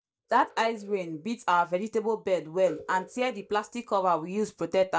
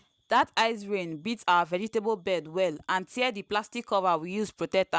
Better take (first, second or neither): second